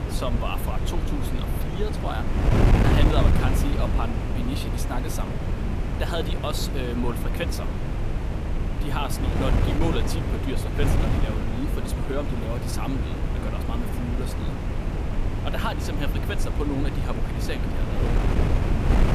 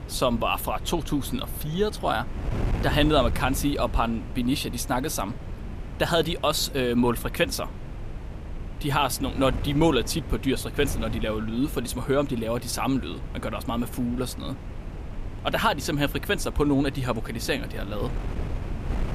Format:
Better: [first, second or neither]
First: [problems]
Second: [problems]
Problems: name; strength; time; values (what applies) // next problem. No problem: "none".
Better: second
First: wind noise on the microphone; heavy; as loud as the speech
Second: wind noise on the microphone; occasional gusts; 15 dB below the speech